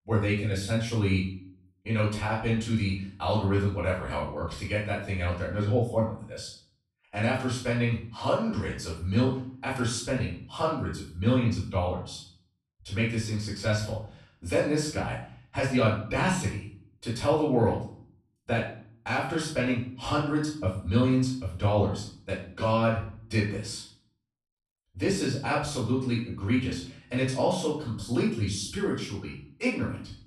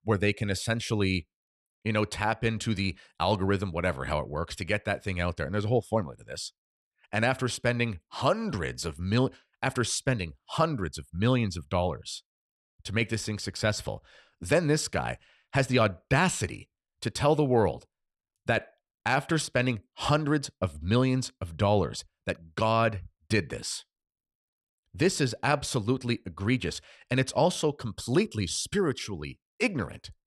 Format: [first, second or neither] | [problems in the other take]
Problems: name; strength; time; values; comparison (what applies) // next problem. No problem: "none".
second | off-mic speech; far // room echo; noticeable; dies away in 0.4 s